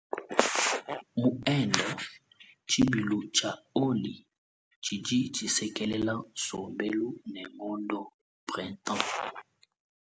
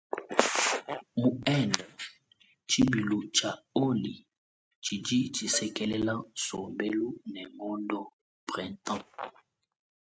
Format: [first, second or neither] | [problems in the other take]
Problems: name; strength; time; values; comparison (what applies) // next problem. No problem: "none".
first | noise reduction (neural mask model RNNoise)